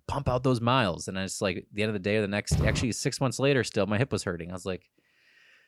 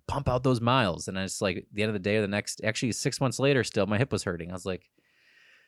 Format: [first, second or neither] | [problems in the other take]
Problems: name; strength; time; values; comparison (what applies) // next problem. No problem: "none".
second | footsteps; loud; at 2.5 s; peak level with the speech